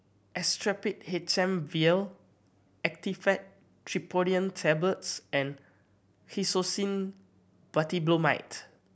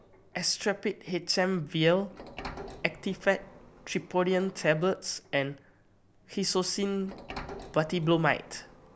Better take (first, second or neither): first